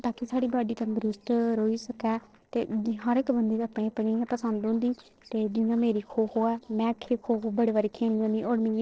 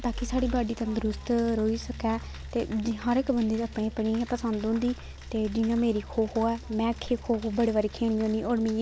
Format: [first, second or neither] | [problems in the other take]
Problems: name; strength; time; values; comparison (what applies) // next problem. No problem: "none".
second | noise reduction (neural separator model SepFormer DNS4)